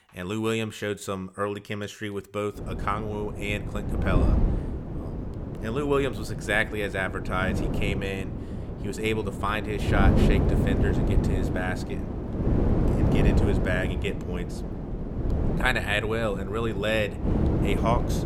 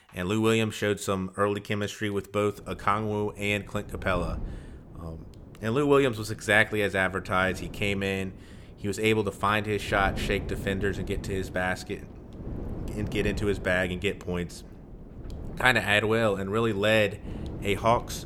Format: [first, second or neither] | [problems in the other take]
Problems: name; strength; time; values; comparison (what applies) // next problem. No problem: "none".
second | wind noise on the microphone; heavy; from 2.5 s on; 5 dB below the speech; occasional gusts in the second